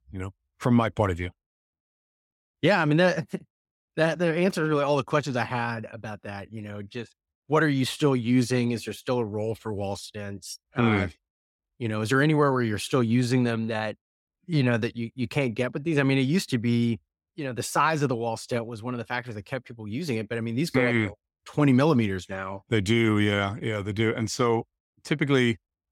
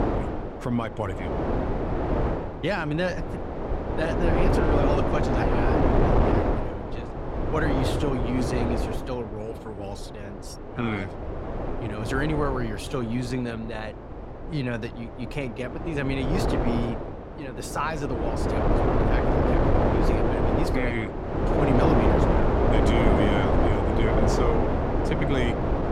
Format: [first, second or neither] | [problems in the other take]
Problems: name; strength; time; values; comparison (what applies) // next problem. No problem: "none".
first | wind noise on the microphone; heavy; 4 dB above the speech